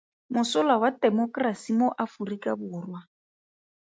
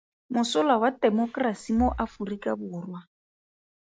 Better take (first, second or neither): first